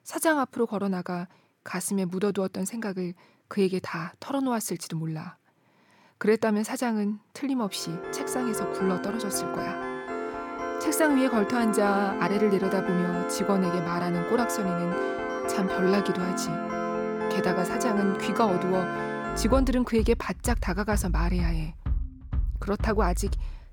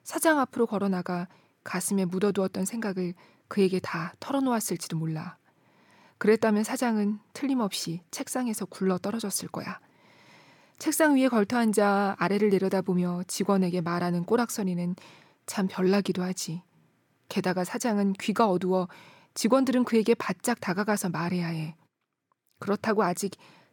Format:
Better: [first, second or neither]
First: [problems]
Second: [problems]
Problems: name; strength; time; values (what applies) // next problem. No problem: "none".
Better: second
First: background music; loud; from 8 s on; 3 dB below the speech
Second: none